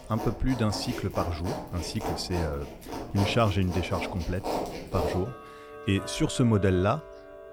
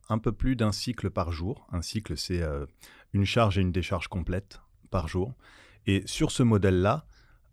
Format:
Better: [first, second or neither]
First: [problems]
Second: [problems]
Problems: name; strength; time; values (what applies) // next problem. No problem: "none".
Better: second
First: household noises; loud; throughout; 8 dB below the speech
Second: none